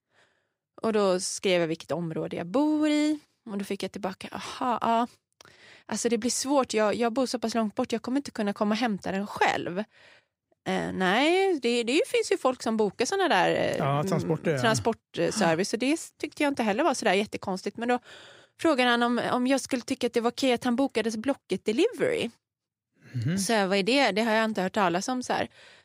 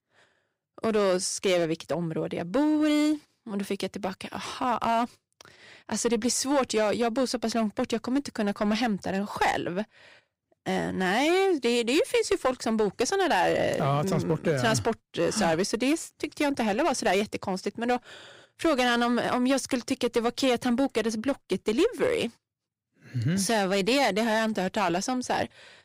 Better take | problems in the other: first | distortion; slight; 4% of the sound clipped

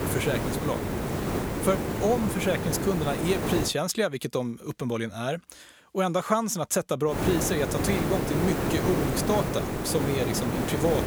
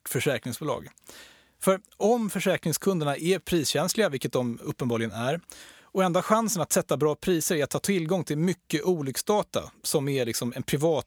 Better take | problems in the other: second | hiss; loud; until 3.5 s and from 7 s on; 1 dB below the speech

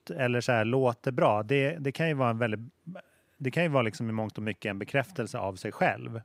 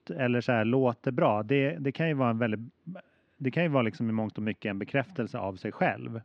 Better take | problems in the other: first | muffled; very slightly; fading above 4 kHz

